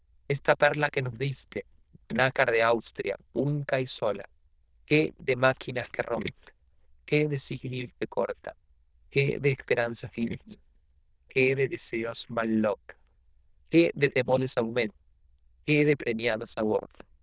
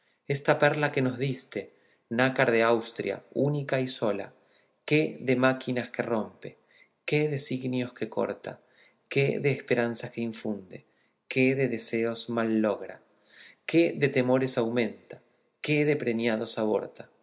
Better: second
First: noise reduction (neural diffusion model UNIVERSE++)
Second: none

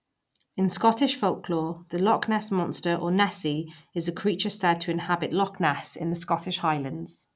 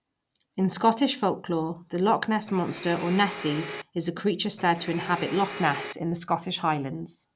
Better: first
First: none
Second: background sound (Domestic sounds, home sounds); 11 dB below the speech

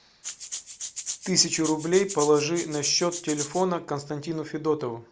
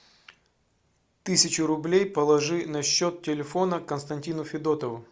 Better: second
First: background sound (Rattle (instrument)); 9 dB below the speech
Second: none

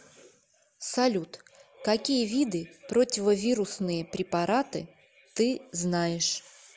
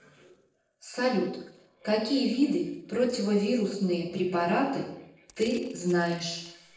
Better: first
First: none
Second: noise reduction (neural separator model SepFormer DNS4)

